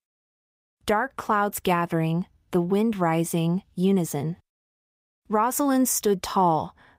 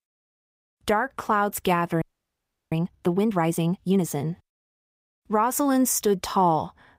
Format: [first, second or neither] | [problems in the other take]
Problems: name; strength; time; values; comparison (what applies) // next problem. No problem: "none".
first | audio freezing; at 2 s for 0.5 s